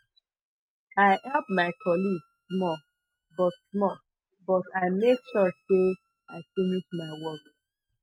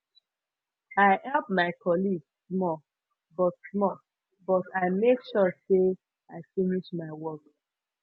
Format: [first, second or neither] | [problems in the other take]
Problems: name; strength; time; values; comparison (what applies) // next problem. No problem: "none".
second | noise reduction (neural mask model RNNoise)